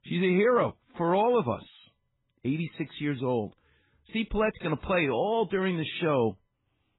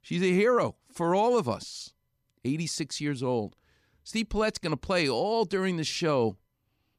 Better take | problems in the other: second | garbled, watery; badly; nothing above 4 kHz

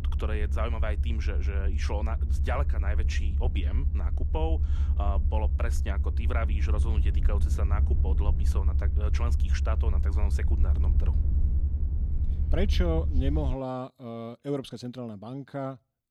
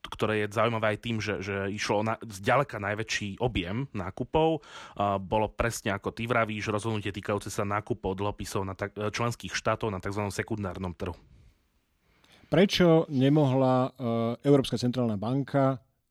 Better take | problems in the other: second | low rumble; loud; until 14 s; 9 dB below the speech

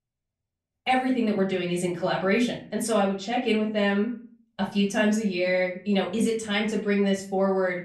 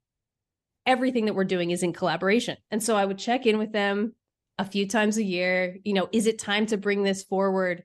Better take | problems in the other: second | off-mic speech; far // room echo; slight; dies away in 0.4 s

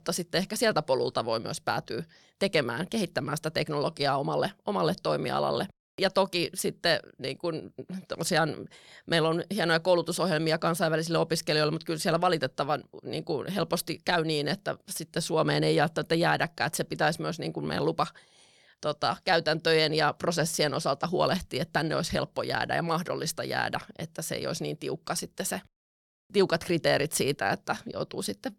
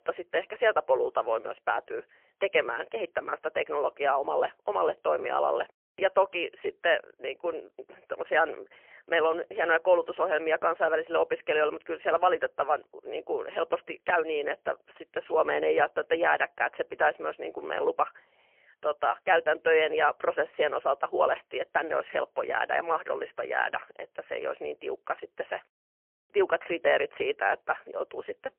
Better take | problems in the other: first | phone-call audio; poor line; nothing above 3 kHz

